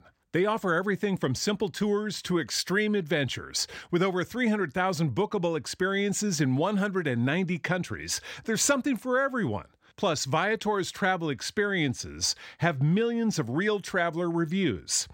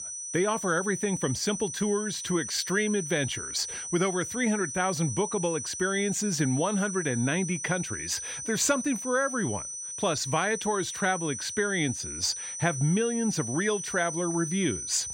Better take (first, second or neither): first